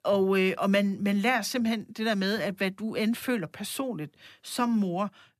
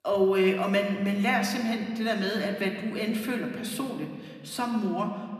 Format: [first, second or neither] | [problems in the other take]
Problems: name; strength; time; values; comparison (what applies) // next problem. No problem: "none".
first | room echo; slight; dies away in 1.7 s // off-mic speech; somewhat distant